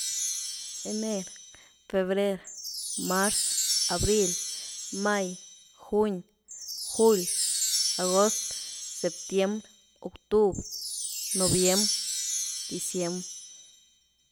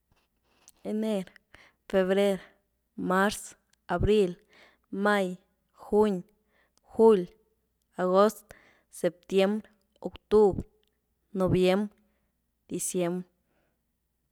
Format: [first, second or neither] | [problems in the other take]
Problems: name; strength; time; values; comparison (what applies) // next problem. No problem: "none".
second | background sound (Wind chime); 3 dB below the speech